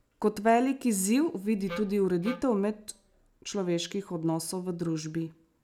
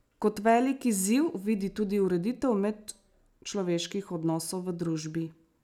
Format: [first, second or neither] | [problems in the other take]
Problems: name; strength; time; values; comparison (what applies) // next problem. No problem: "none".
second | background sound (Wind instrument, woodwind instrument); 12 dB below the speech